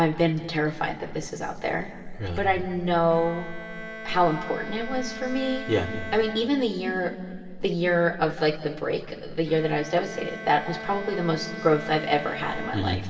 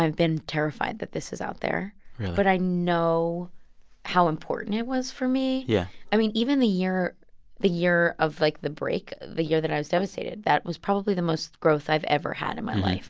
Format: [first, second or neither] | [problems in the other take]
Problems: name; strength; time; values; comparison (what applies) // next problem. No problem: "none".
second | background sound (Bowed string instrument); 14 dB below the speech // room echo; dies away in 2.9 s